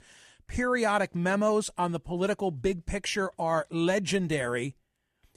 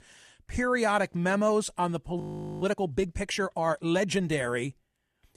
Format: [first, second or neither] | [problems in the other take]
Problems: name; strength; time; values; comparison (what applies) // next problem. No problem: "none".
first | audio freezing; at 2 s